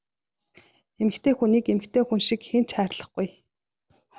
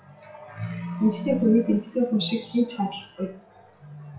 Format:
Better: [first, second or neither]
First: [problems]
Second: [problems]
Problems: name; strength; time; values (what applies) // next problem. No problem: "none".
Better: first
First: none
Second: noise reduction (classical method WPE with log-MMSE)